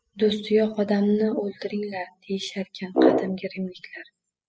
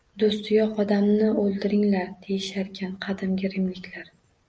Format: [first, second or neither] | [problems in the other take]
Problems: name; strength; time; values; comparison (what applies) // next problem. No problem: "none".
second | noise reduction (classical method spectral subtraction)